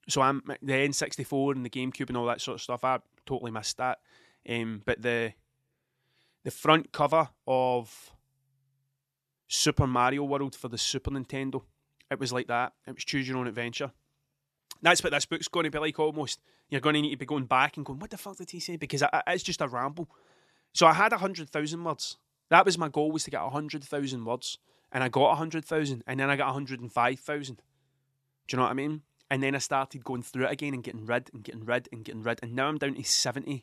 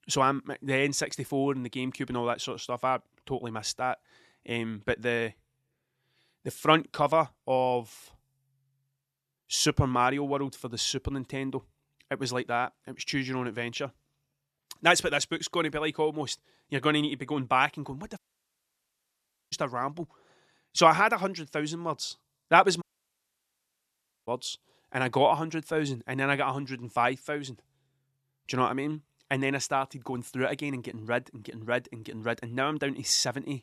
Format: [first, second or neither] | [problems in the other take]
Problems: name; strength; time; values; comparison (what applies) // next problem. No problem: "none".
first | audio cutting out; at 18 s for 1.5 s and at 23 s for 1.5 s